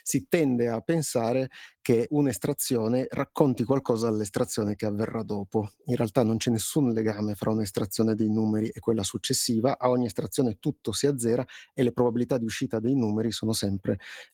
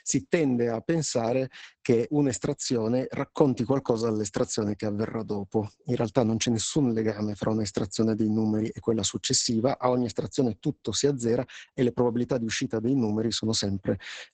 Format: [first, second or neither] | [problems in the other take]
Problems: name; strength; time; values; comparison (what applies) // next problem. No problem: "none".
first | garbled, watery; badly; nothing above 8 kHz; slightly in the first